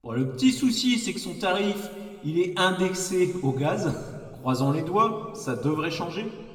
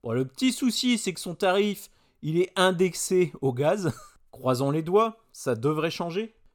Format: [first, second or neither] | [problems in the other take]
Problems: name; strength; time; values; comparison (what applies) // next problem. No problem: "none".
second | room echo; slight; dies away in 1.4 s // off-mic speech; somewhat distant